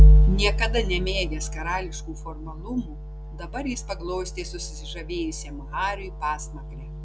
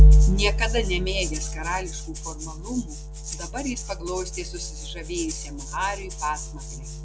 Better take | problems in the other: first | background sound (Rattle (instrument)); 18 dB below the speech

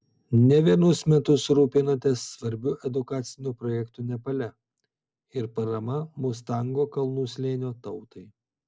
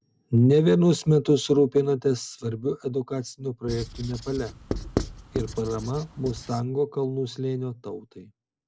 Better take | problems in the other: first | background sound (Writing); 9 dB below the speech

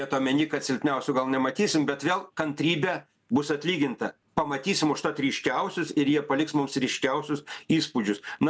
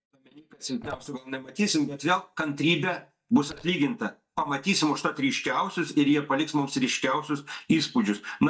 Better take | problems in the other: first | noise reduction (neural mask model DeepFilterNet 3)

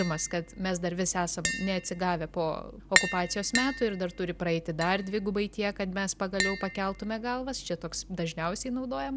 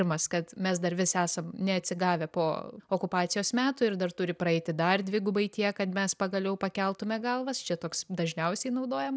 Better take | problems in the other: second | background sound (Tap); 6 dB below the speech

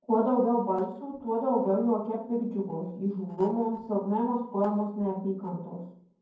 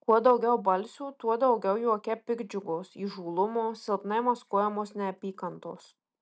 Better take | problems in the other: second | noise reduction (neural separator model SepFormer DNS4)

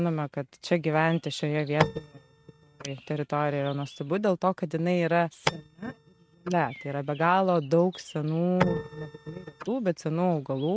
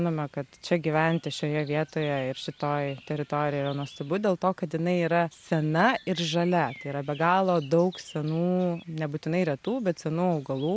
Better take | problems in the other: second | noise reduction (neural mask model RNNoise)

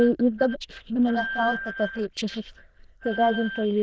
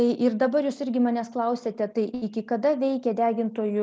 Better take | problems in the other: second | noise reduction (neural diffusion model UNIVERSE++)

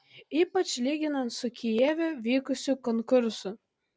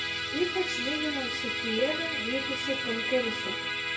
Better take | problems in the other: first | background sound (Musical instrument); 1 dB above the speech // room echo; dies away in 0.8 s

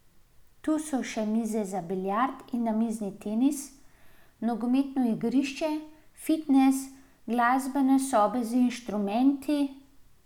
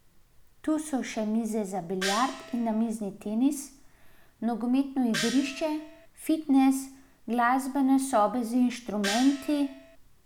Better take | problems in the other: first | background sound (Gong); 9 dB below the speech

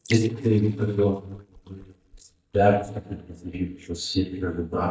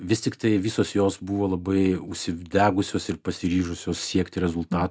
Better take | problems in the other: second | noise reduction (neural mask model DeepFilterNet 3)

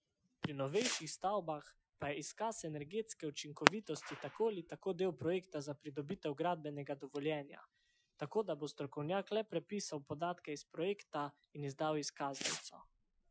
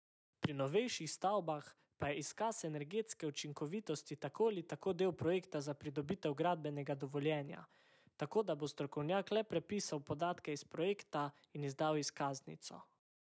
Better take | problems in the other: second | noise reduction (classical method Wiener filter)

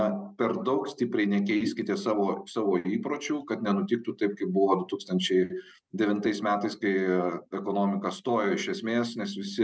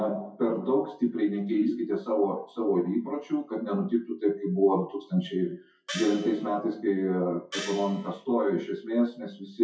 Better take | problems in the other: first | noise reduction (classical method WPE with log-MMSE)

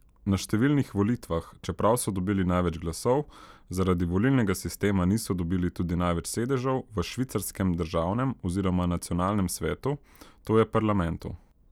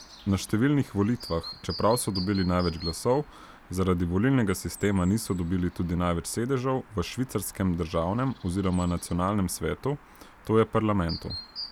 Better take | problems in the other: first | background sound (Chirp, tweet); 18 dB below the speech

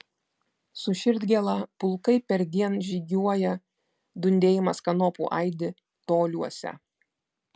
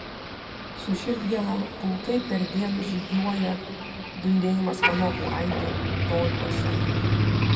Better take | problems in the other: first | background sound (Motor vehicle (road)); as loud as the speech // room echo; dies away in 2.1 s

